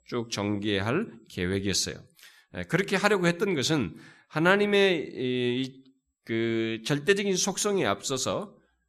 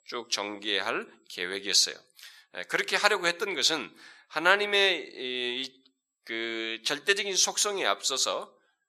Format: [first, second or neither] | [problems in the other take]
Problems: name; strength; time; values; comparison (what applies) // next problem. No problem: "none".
first | thin; very; fading below 600 Hz